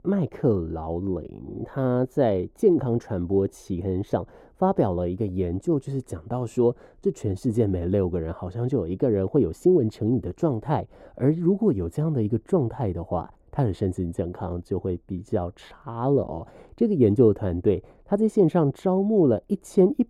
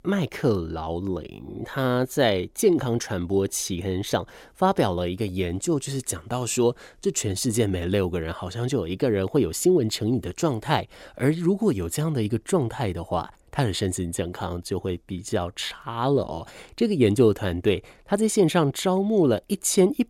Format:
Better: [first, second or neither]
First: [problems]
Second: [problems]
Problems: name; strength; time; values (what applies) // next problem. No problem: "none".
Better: second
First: muffled; very; fading above 1.5 kHz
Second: none